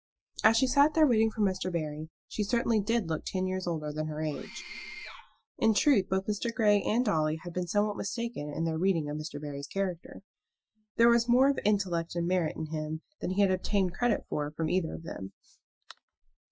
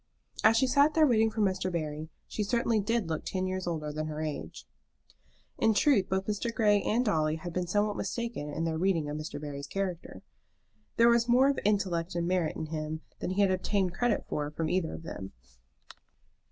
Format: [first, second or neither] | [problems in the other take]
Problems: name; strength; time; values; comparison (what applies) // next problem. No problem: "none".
second | noise reduction (classical method Wiener filter)